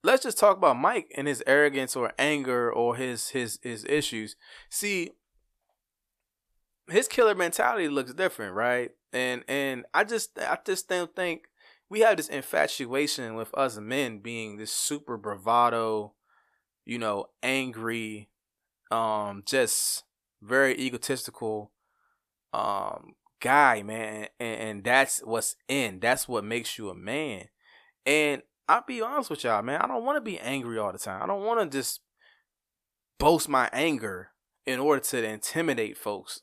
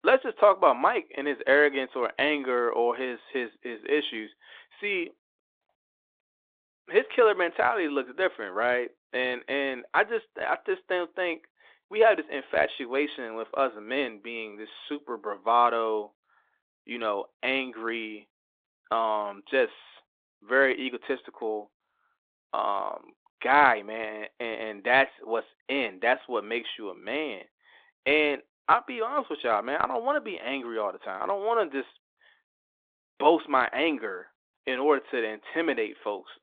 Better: first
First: none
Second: phone-call audio; nothing above 3.5 kHz

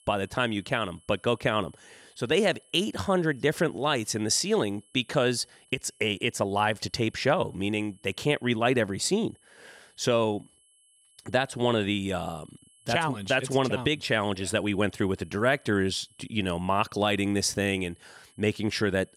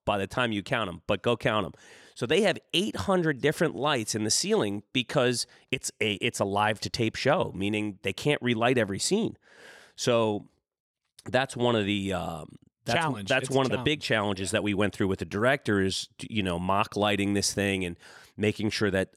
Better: second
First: high-pitched whine; faint; throughout; 10.5 kHz, 30 dB below the speech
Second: none

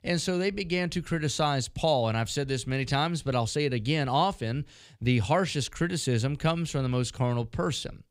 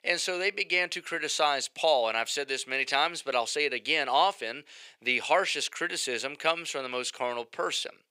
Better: first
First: none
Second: thin; very; fading below 450 Hz

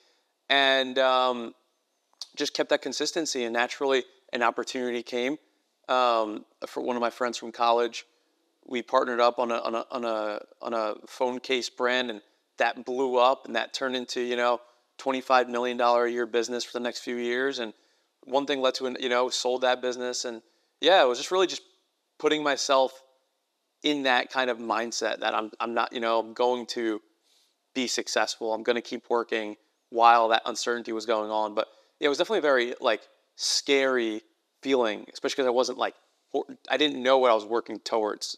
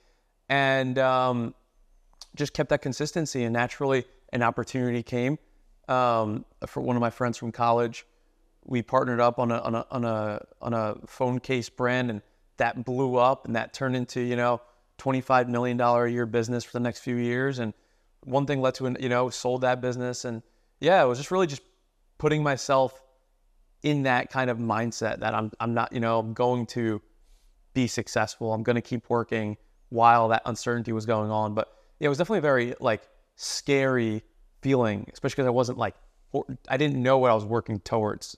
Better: second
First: thin; very slightly; fading below 300 Hz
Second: none

